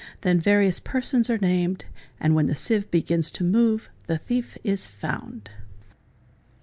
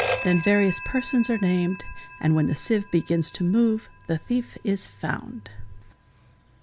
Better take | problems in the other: first | background sound (Telephone); 12 dB below the speech

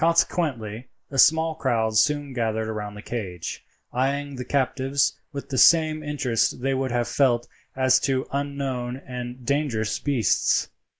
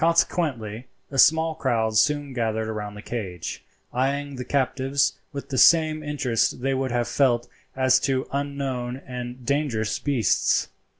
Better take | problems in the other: second | noise reduction (neural mask model Resemble Enhance denoiser)

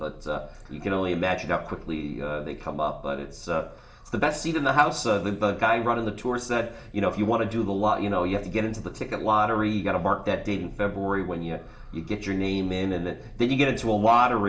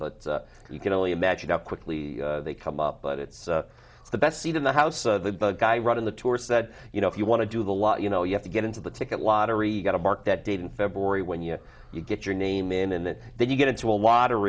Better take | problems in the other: second | room echo; dies away in 0.4 s

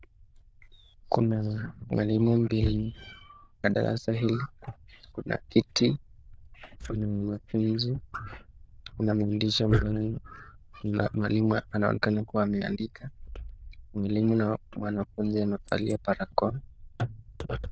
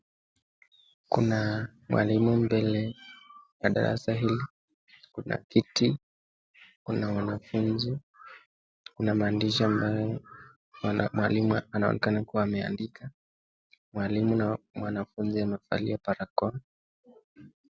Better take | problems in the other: second | noise reduction (neural diffusion model UNIVERSE++)

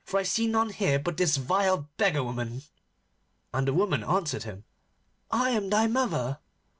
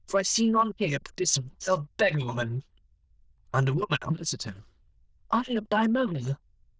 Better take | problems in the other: first | noise reduction (neural diffusion model UNIVERSE++)

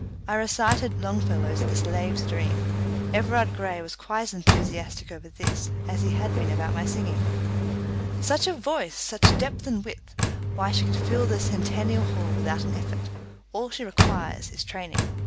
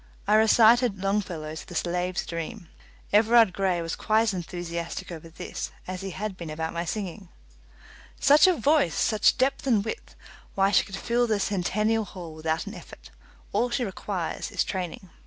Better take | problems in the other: second | background sound (Engine); 5 dB above the speech

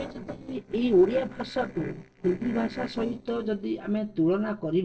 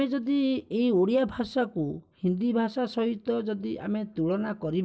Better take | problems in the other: second | noise reduction (neural separator model SepFormer DNS4)

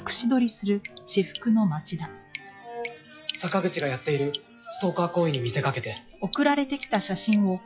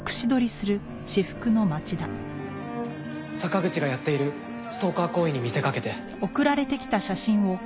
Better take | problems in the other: second | noise reduction (classical method log-MMSE)

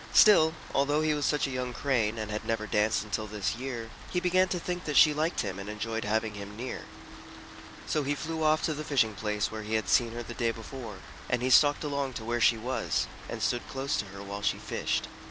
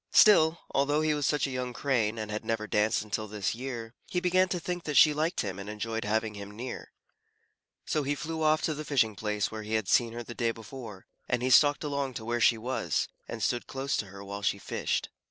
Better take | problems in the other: second | background sound (Rain); 14 dB below the speech

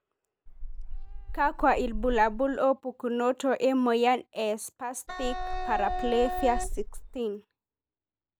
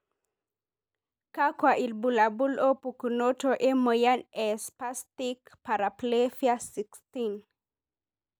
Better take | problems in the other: second | background sound (Meow + Wind instrument, woodwind instrument); 4 dB below the speech

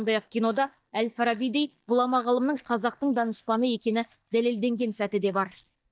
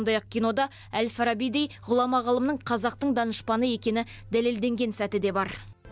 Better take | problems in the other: second | noise reduction (neural mask model DeepFilterNet 3)

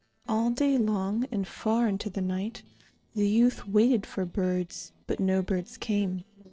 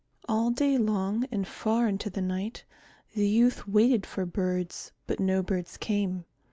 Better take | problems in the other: second | noise reduction (neural separator model SepFormer DNS4)

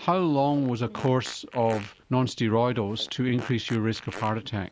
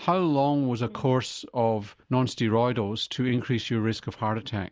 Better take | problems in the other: second | background sound (Fart); 19 dB below the speech

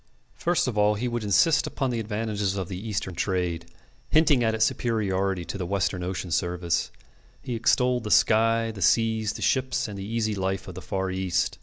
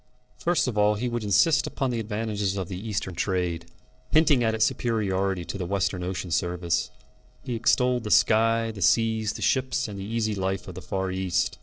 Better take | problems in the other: first | noise reduction (neural separator model SepFormer DNS4)

